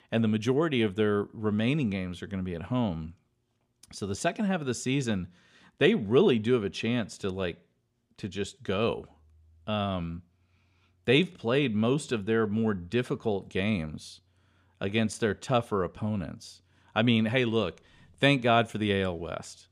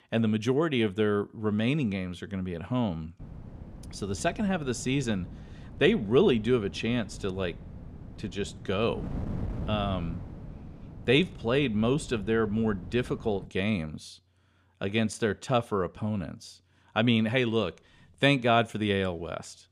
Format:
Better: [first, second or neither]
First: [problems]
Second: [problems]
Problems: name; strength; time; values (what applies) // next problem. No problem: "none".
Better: first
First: none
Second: wind noise on the microphone; occasional gusts; from 3 to 13 s; 20 dB below the speech